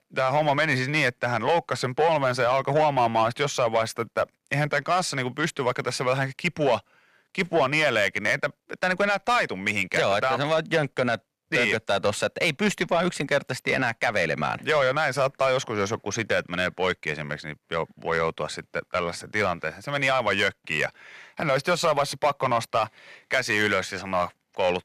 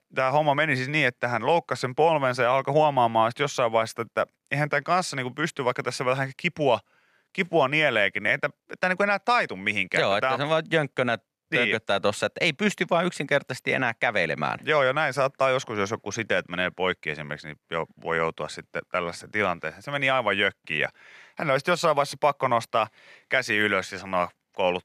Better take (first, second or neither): second